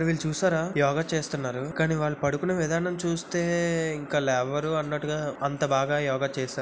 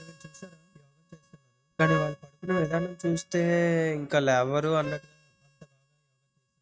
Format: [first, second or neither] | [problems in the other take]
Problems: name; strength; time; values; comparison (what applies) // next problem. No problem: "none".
first | noise reduction (neural mask model RNNoise)